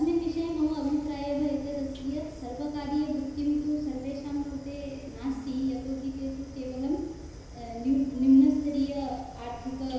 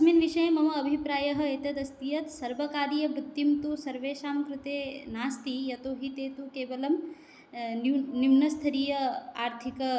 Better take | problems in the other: second | background sound (Fire); 15 dB below the speech // room echo; dies away in 1 s

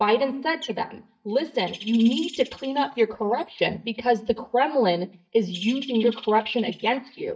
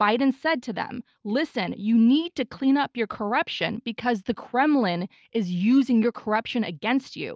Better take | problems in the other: second | noise reduction (neural mask model DeepFilterNet 3)

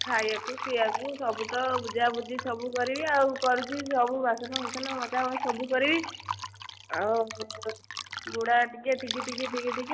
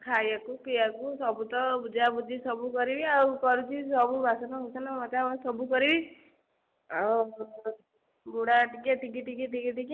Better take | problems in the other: second | background sound (Fill (with liquid)); 9 dB below the speech

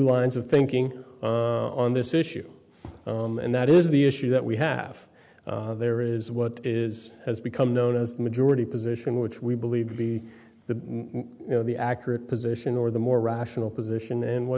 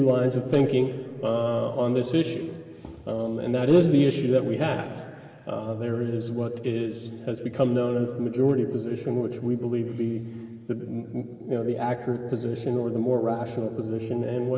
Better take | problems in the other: first | room echo; dies away in 2.8 s

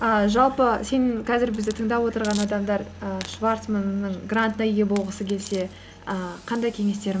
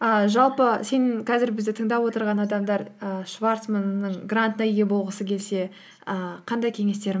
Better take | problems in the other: second | background sound (Engine + Hiss); 17 dB below the speech

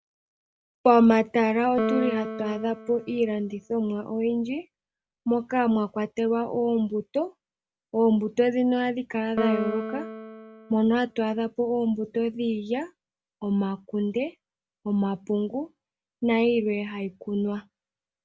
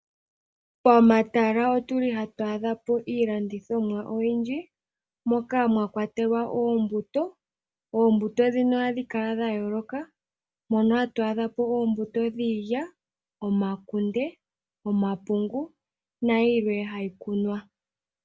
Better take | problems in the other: second | background sound (Piano); 8 dB below the speech

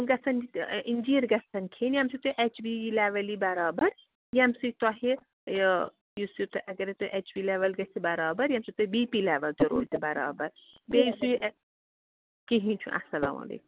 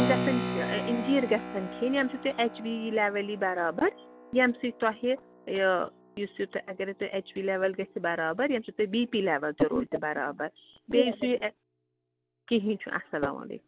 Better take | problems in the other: first | background sound (Keyboard (musical)); 10 dB below the speech

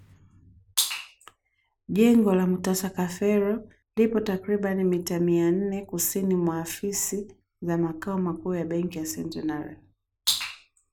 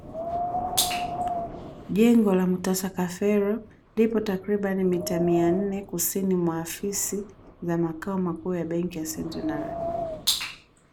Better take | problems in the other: first | background sound (Wind); 10 dB below the speech

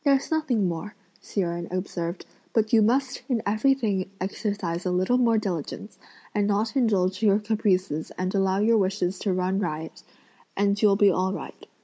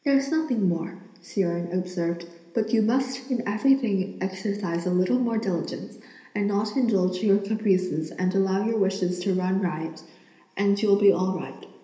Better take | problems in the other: first | room echo; dies away in 1.4 s

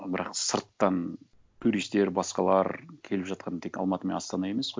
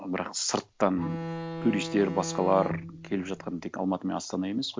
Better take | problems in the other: first | background sound (Bowed string instrument); 7 dB below the speech

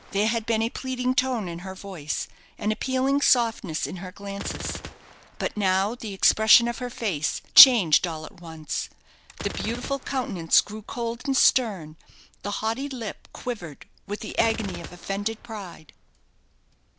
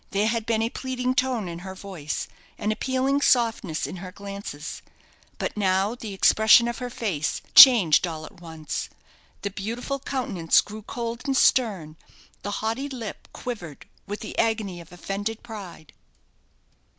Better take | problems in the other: second | background sound (Gunshot, gunfire); 17 dB below the speech

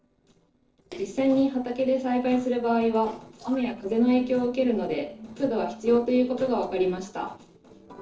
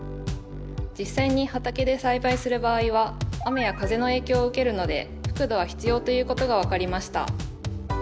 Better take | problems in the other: second | noise reduction (neural separator model SepFormer DNS4)

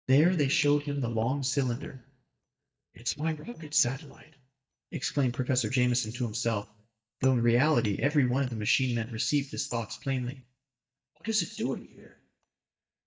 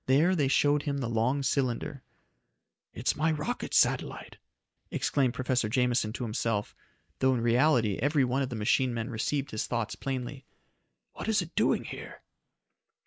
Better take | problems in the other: second | noise reduction (neural mask model DeepFilterNet 3)

